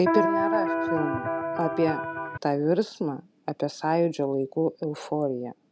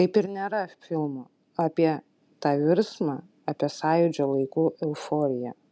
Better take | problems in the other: second | background sound (Electric guitar); 1 dB above the speech

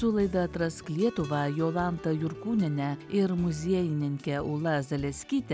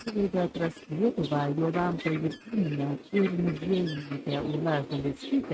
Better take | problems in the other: first | noise reduction (neural mask model RNNoise)

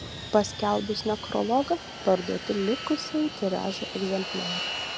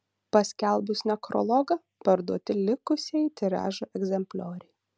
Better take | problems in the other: second | background sound (Fixed-wing aircraft, airplane); 8 dB below the speech

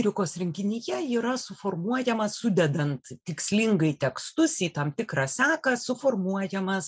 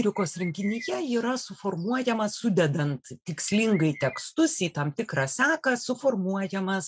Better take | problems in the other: first | noise reduction (neural mask model RNNoise)

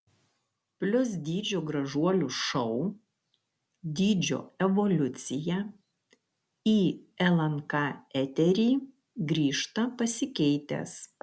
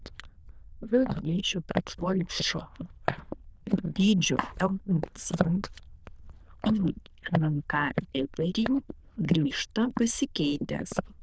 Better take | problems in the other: first | noise reduction (neural diffusion model UNIVERSE++)

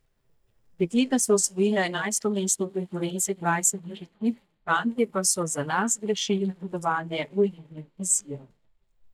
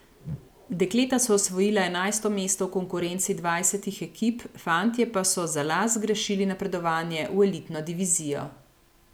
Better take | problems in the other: second | noise reduction (neural mask model DeepFilterNet 3)

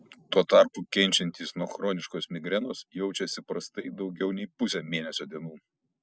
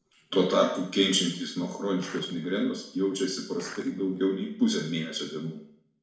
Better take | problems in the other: first | noise reduction (neural separator model SepFormer DNS4)

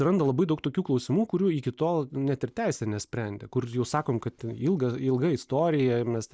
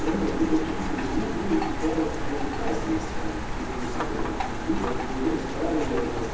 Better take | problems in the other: first | background sound (Rain); as loud as the speech // room echo; dies away in 1.1 s

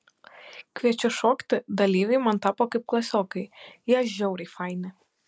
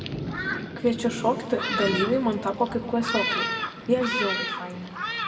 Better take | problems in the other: first | background sound (Thunderstorm); 3 dB below the speech // room echo; dies away in 1.6 s

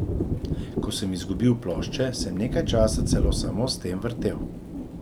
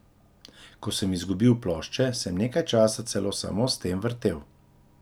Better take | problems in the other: second | background sound (Thunder); as loud as the speech

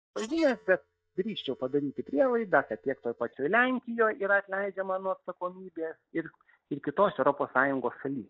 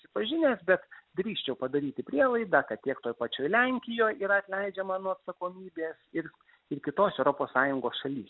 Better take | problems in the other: second | noise reduction (neural mask model DeepFilterNet 3)

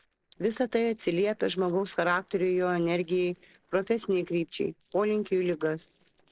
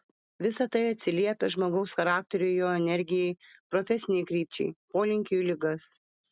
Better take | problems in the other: second | noise reduction (neural separator model SepFormer DNS4)

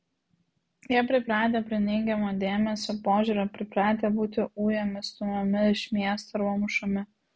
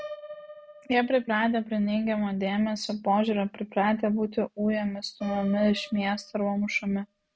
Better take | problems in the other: first | noise reduction (neural mask model RNNoise)

